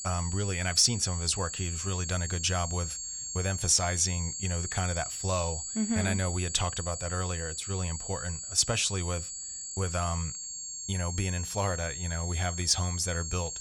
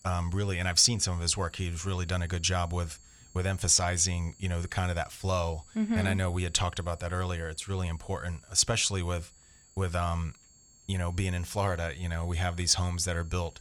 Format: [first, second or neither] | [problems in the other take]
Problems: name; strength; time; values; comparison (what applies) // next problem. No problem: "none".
second | high-pitched whine; loud; throughout; 7.5 kHz, 5 dB below the speech; faint in the second